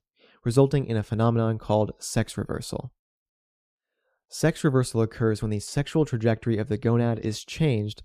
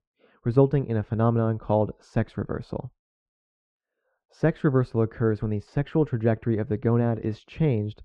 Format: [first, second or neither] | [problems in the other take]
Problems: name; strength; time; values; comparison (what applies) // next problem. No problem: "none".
first | muffled; very; fading above 2 kHz